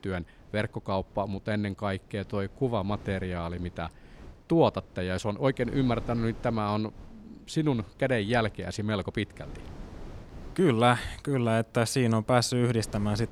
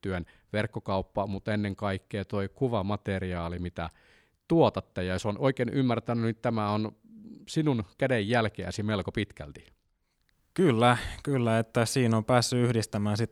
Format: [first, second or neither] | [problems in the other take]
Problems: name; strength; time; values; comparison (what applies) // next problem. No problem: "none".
second | wind noise on the microphone; occasional gusts; 25 dB below the speech